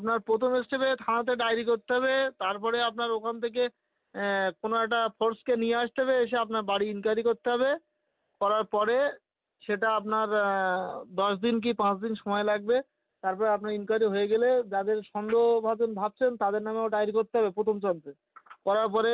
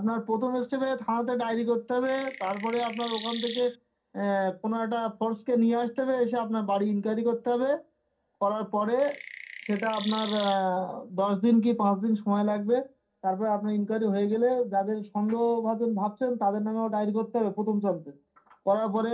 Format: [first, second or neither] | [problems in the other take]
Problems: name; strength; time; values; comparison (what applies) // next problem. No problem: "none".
first | background sound (Chirp, tweet); 12 dB below the speech // room echo; dies away in 0.3 s